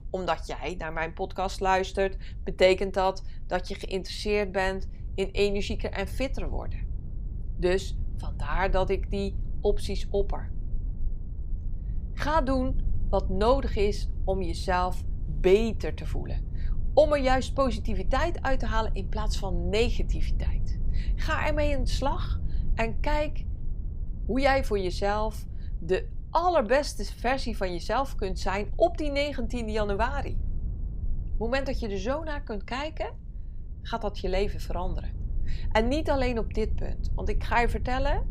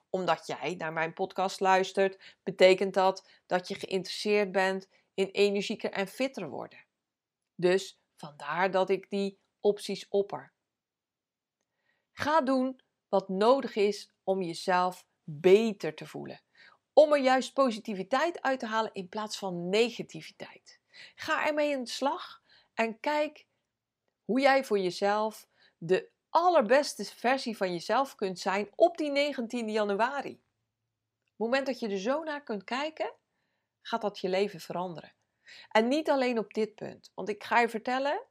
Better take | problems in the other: second | low rumble; faint; throughout; 25 dB below the speech

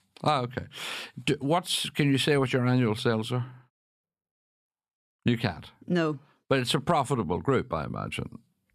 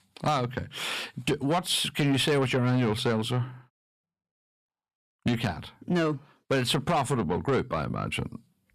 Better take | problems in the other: first | distortion; slight; 10 dB below the speech

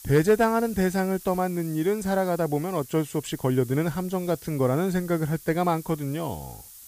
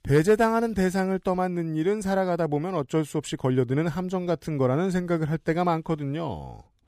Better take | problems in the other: second | hiss; noticeable; throughout; 20 dB below the speech

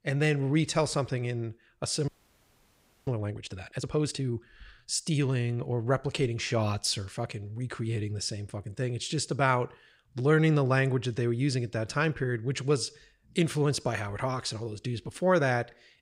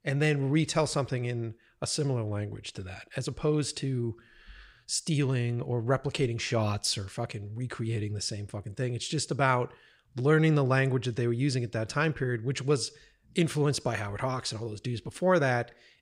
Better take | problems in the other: second | audio freezing; at 2 s for 1 s

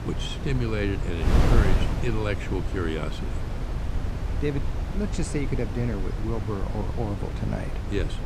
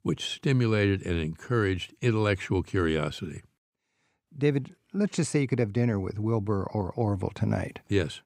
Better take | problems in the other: second | wind noise on the microphone; heavy; 3 dB below the speech

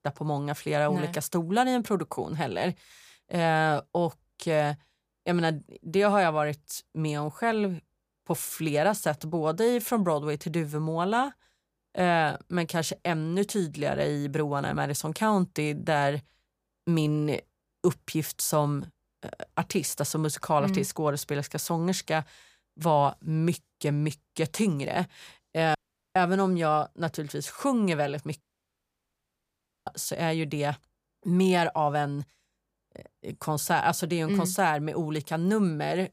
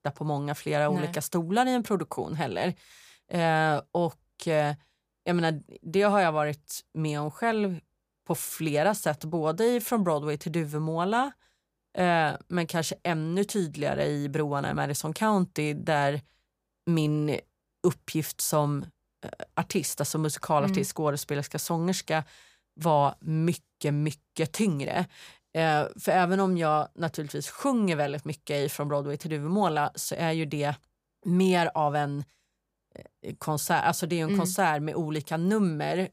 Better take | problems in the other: second | audio cutting out; at 26 s and at 28 s for 1.5 s

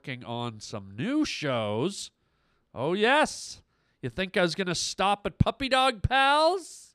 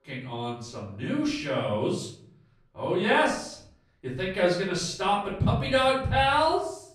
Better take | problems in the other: first | off-mic speech; far // room echo; noticeable; dies away in 0.5 s

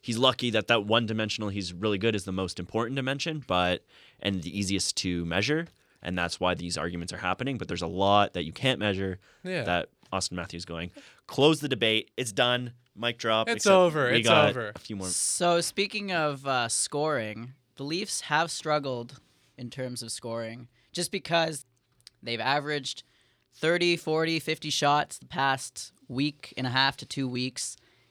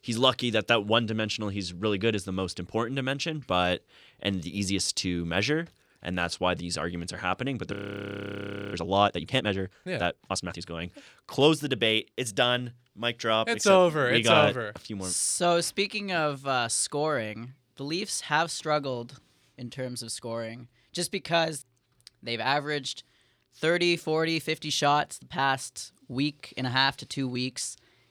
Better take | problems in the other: first | audio freezing; at 7.5 s for 1 s

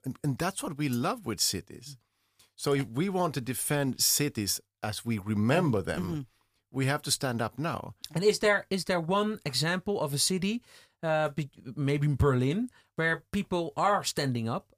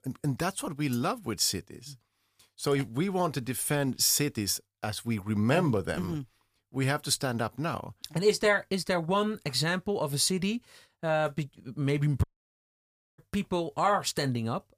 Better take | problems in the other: first | audio cutting out; at 12 s for 1 s

